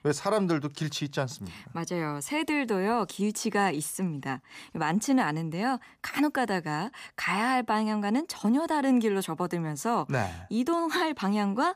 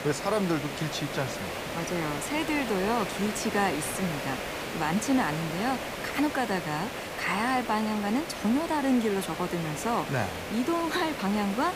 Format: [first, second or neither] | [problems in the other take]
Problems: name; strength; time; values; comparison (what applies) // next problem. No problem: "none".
first | hiss; loud; throughout; 5 dB below the speech